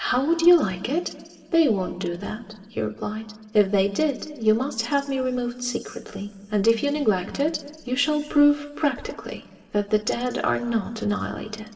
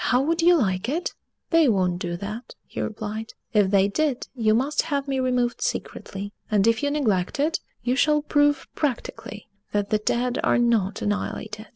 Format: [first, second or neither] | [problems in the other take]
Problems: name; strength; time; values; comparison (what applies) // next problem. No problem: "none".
second | room echo; dies away in 2.1 s